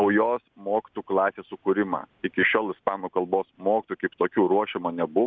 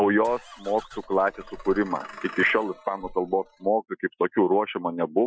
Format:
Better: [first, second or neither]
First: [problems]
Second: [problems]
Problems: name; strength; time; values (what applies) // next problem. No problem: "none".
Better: first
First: none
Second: noise reduction (classical method Wiener filter)